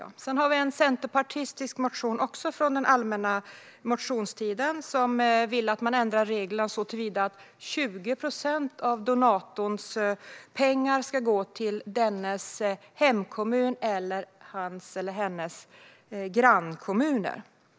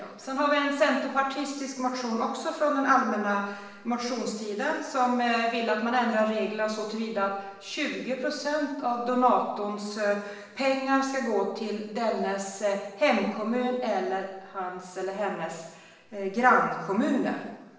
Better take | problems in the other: first | room echo; dies away in 0.9 s

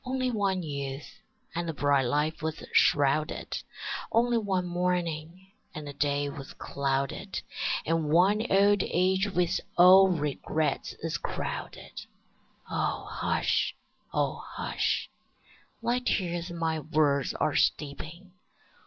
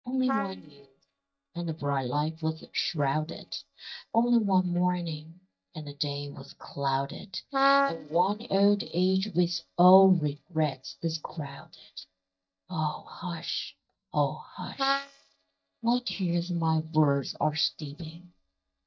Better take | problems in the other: first | noise reduction (neural mask model DeepFilterNet 3)

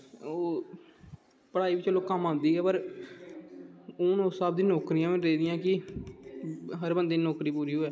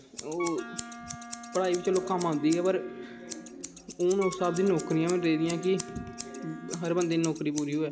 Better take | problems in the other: first | background sound (Wind instrument, woodwind instrument + Scissors); 12 dB below the speech

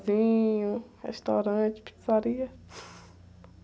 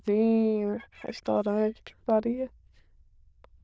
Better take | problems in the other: first | noise reduction (neural diffusion model UNIVERSE++)

